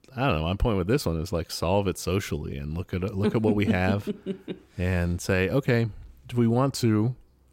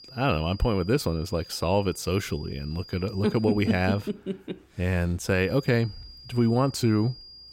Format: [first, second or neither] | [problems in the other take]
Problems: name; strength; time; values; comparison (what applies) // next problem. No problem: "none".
first | high-pitched whine; noticeable; until 4 s and from 5.5 s on; 5 kHz, 20 dB below the speech